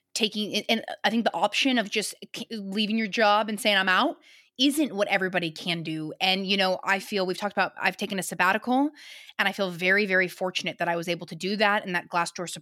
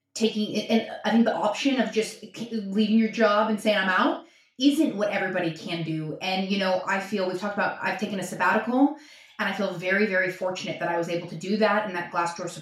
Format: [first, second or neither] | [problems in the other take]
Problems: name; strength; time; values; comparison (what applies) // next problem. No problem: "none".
first | room echo; slight; dies away in 0.4 s // off-mic speech; far